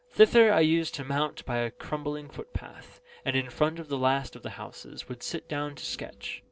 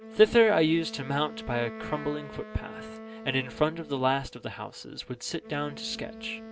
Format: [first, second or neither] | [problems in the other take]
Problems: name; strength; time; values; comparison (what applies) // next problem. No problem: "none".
first | background sound (Wind instrument, woodwind instrument); 15 dB below the speech